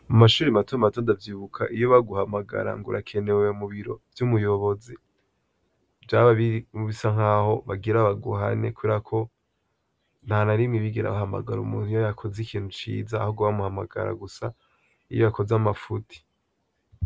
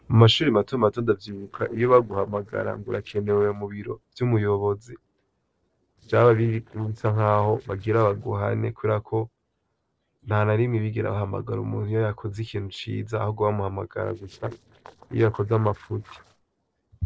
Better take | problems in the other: first | noise reduction (neural separator model SepFormer DNS4)

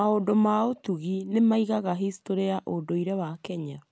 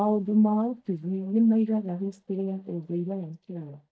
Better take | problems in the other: first | noise reduction (neural mask model DeepFilterNet 3)

